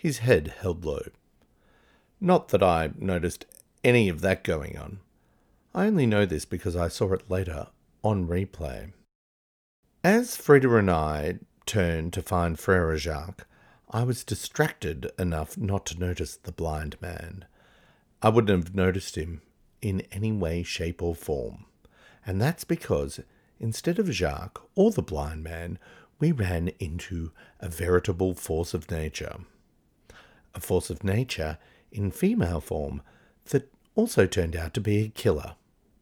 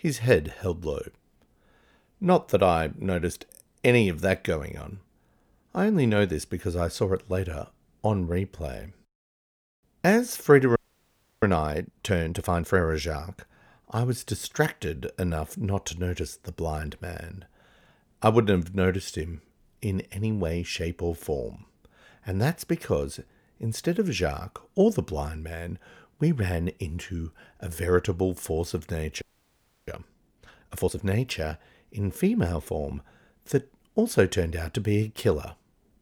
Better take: first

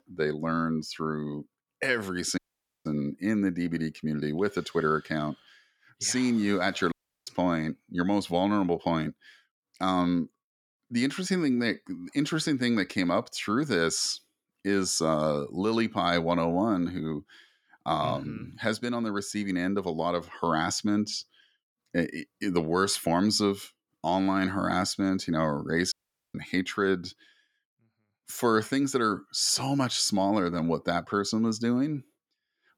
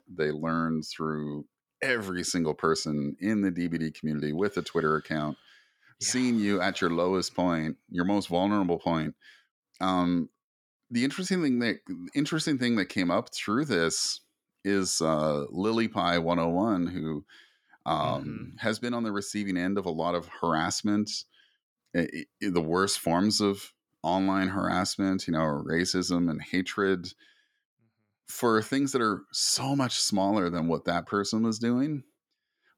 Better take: second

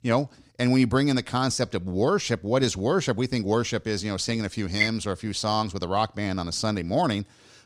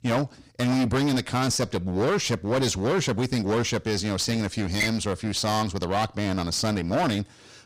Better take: first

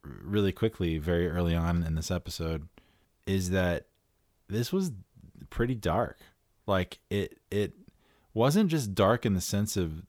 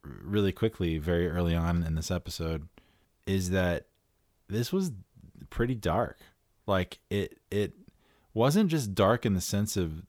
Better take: neither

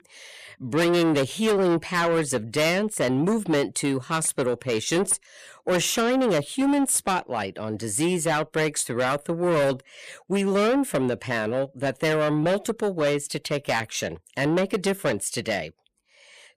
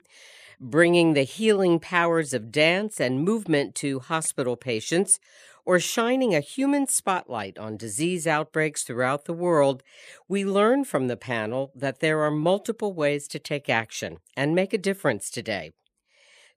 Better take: second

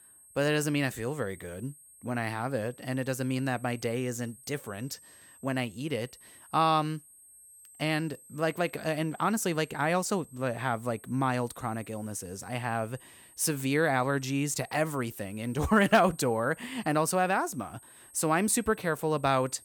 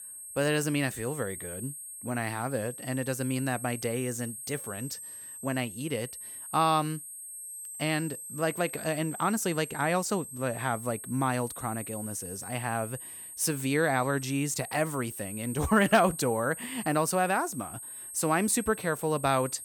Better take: first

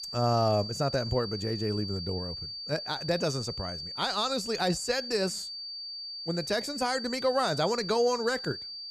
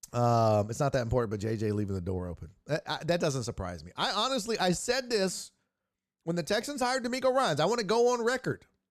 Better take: second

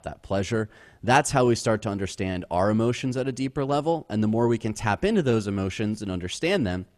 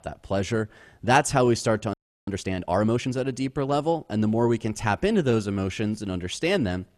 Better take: first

